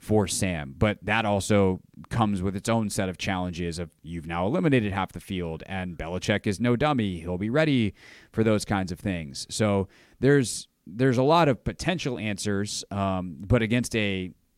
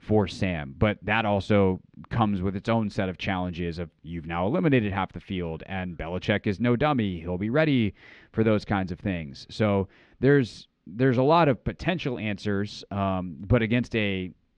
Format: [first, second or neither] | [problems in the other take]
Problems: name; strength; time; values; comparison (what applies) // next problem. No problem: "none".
first | muffled; slightly; fading above 3.5 kHz